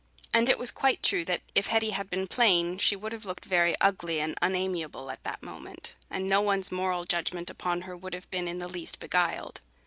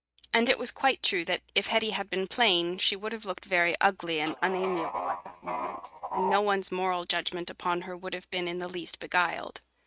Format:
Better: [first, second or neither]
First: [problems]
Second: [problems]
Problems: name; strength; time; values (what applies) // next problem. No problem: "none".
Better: first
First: none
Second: noise reduction (neural mask model RNNoise)